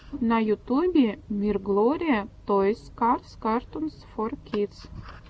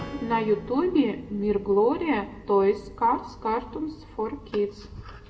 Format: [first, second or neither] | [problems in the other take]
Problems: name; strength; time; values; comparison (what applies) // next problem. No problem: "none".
first | background sound (Strum); 20 dB below the speech // room echo; dies away in 1.1 s